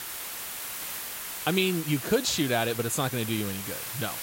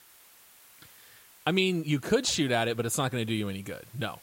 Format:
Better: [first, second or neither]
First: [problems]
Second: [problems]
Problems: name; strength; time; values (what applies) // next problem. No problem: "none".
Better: second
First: hiss; loud; throughout; 6 dB below the speech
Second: hiss; faint; throughout; 25 dB below the speech